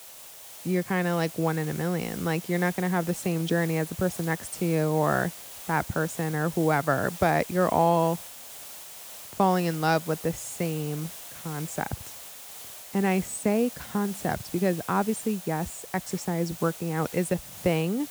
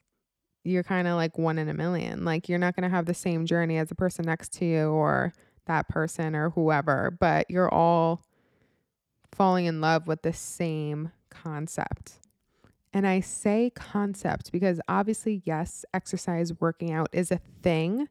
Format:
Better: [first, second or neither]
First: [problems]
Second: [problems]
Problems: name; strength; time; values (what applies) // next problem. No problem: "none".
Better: second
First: hiss; noticeable; throughout; 10 dB below the speech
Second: none